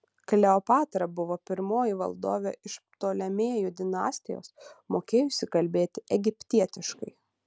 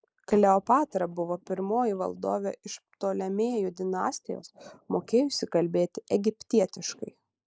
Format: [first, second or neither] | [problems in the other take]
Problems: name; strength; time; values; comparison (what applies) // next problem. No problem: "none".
first | noise reduction (neural mask model Resemble Enhance denoiser)